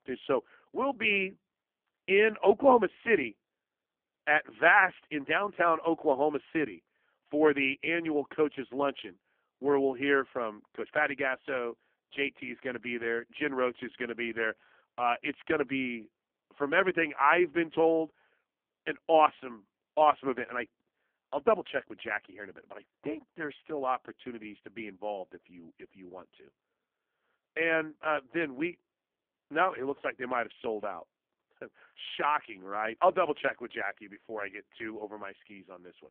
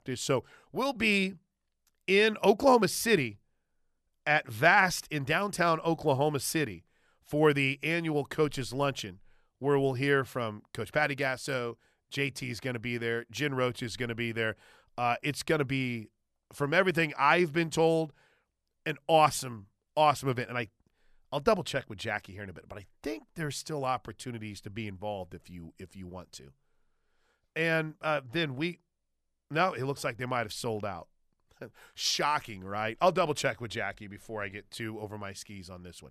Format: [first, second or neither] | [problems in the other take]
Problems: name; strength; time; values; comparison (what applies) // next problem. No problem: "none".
second | phone-call audio; poor line; nothing above 3 kHz